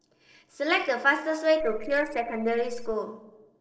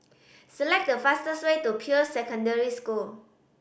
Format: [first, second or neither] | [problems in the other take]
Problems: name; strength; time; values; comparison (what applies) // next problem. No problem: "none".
second | noise reduction (neural separator model SepFormer DNS4)